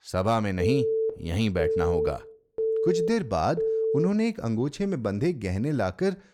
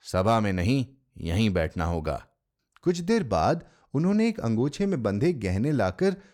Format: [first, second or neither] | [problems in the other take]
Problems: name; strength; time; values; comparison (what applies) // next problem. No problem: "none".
second | phone ringing; loud; from 0.5 to 4 s; peak 2 dB above the speech